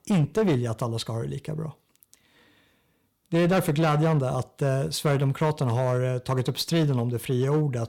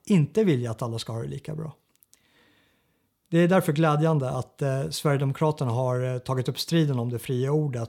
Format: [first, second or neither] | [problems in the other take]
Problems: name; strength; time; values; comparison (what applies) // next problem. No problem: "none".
second | distortion; slight; 9% of the sound clipped